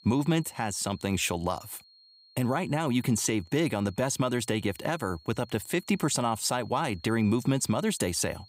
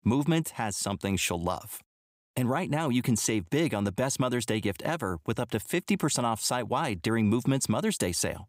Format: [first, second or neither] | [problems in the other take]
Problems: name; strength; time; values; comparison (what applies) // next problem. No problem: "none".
second | high-pitched whine; faint; throughout; 4.5 kHz, 25 dB below the speech